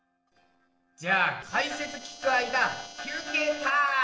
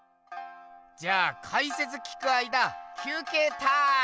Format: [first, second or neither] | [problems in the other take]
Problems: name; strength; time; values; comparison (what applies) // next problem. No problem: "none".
second | noise reduction (neural separator model SepFormer DNS4)